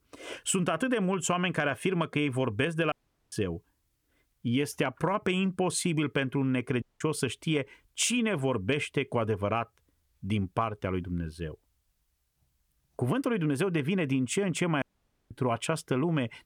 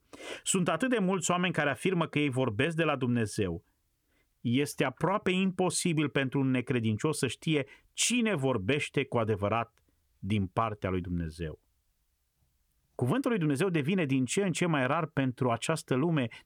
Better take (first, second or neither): second